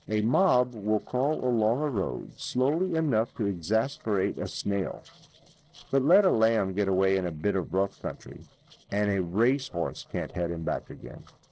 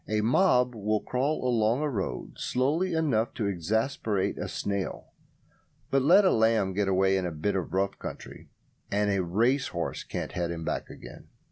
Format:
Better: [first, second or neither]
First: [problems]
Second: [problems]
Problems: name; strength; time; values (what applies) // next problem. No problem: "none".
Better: second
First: noise reduction (neural separator model SepFormer DNS4)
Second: none